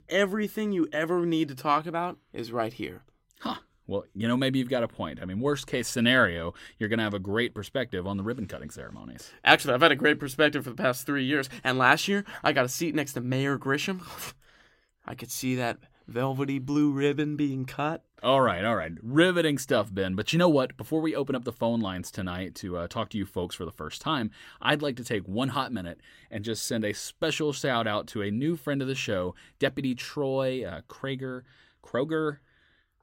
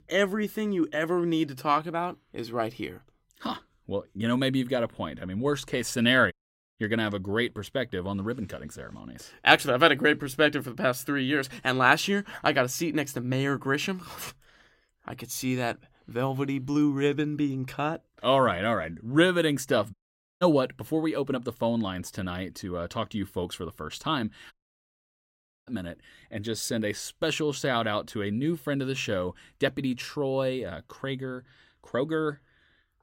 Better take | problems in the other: first | audio cutting out; at 6.5 s, at 20 s and at 25 s for 1 s

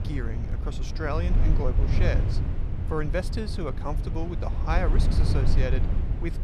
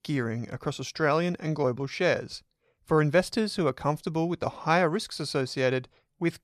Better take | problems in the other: second | low rumble; loud; throughout; 6 dB below the speech

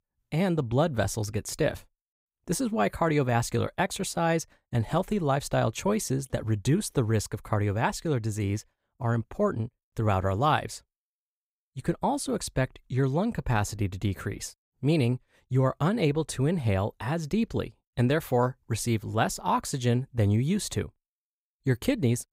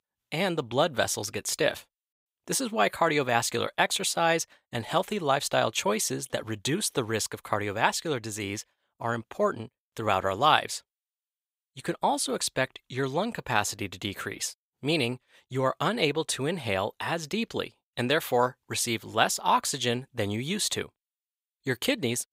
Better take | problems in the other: first | thin; somewhat; fading below 650 Hz

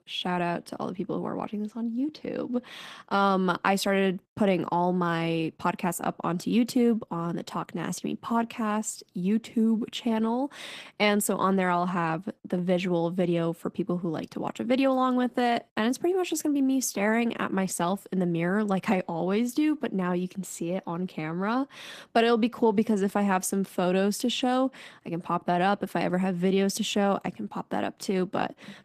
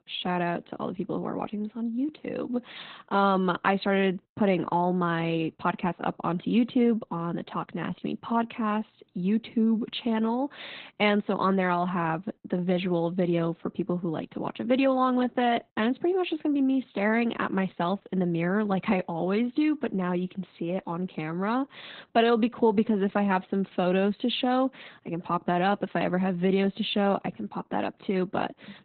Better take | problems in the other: first | garbled, watery; badly; nothing above 4 kHz; slightly in the first

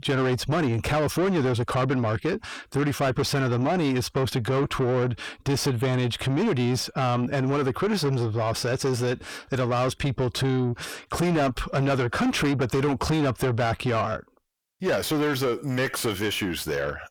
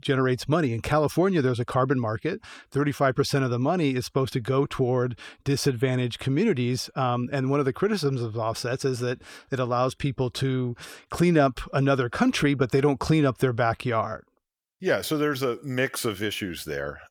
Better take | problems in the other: second | distortion; heavy; 8 dB below the speech

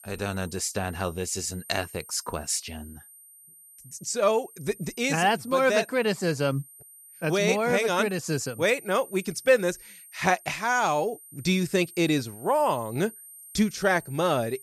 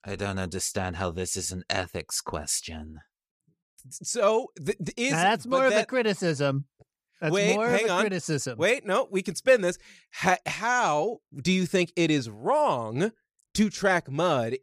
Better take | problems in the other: second | high-pitched whine; noticeable; throughout; 8.5 kHz, 20 dB below the speech

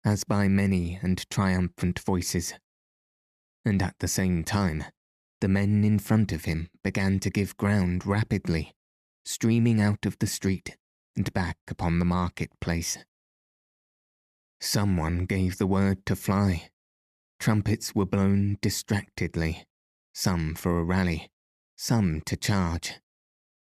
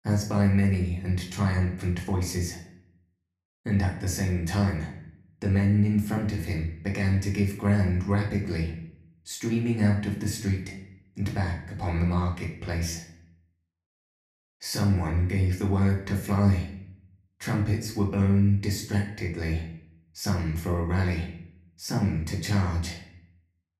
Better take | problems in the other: first | room echo; slight; dies away in 0.6 s // off-mic speech; far

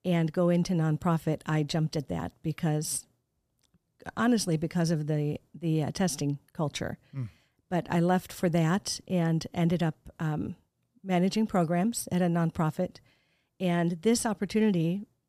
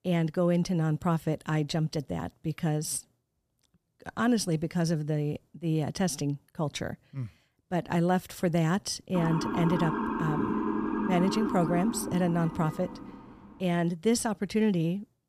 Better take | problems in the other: first | siren; noticeable; from 9 to 13 s; peak 1 dB below the speech

